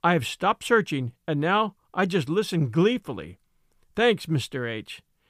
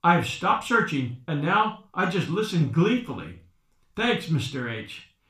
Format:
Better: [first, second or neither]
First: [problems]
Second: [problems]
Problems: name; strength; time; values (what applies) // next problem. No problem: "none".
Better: first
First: none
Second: room echo; slight; dies away in 0.3 s // off-mic speech; somewhat distant